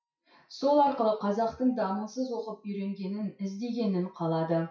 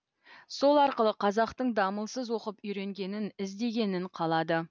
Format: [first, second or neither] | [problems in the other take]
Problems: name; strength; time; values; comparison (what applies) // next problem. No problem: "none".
second | noise reduction (classical method WPE with log-MMSE)